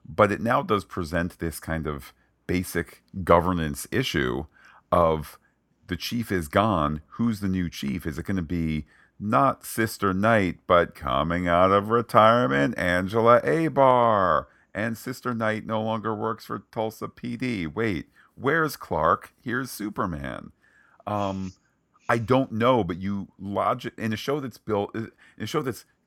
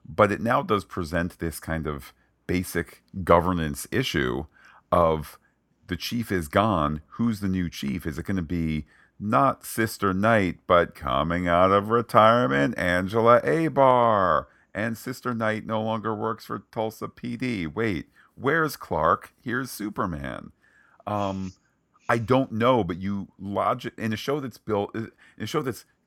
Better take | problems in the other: neither | none

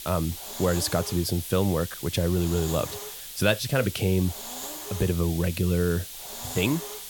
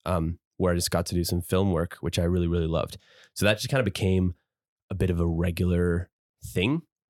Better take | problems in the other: second | hiss; loud; throughout; 9 dB below the speech

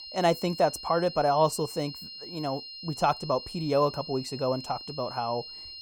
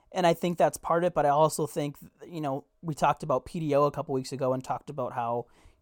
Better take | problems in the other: second | high-pitched whine; noticeable; throughout; 4 kHz, 10 dB below the speech

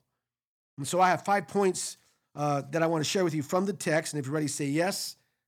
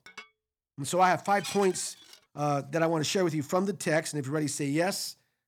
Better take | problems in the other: first | clattering dishes; noticeable; until 2 s; peak 9 dB below the speech

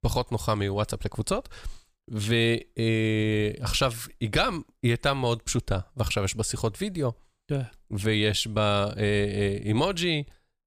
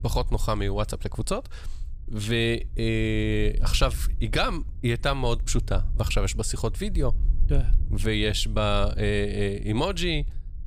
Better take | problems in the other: first | low rumble; faint; throughout; 25 dB below the speech

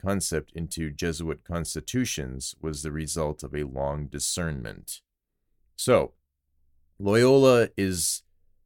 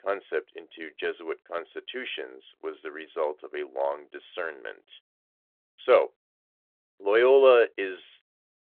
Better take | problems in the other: first | phone-call audio

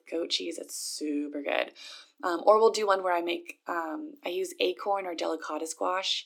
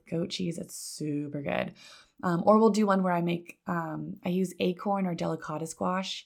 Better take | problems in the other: second | thin; somewhat; fading below 300 Hz

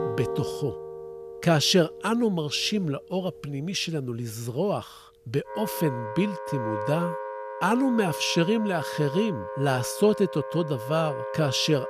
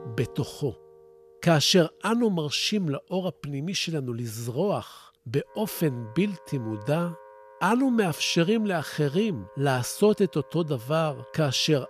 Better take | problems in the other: second | background music; loud; throughout; 9 dB below the speech; faint in the second

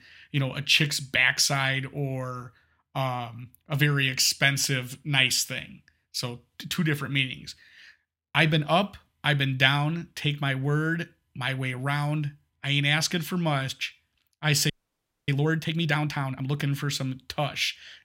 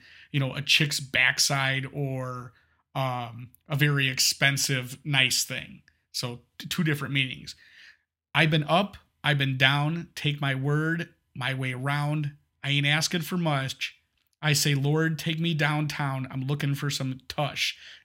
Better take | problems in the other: second | audio freezing; at 15 s for 0.5 s

